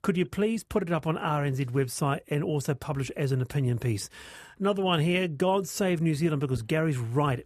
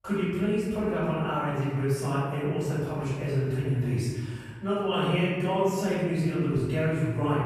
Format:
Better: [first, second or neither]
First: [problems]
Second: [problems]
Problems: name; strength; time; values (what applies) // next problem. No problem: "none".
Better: first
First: none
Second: off-mic speech; far // room echo; strong; dies away in 1.5 s